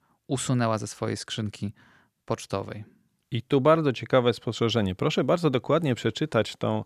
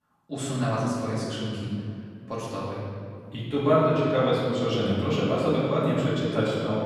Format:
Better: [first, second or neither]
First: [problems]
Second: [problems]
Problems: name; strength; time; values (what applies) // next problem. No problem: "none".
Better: first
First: none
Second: room echo; strong; dies away in 2.2 s // off-mic speech; far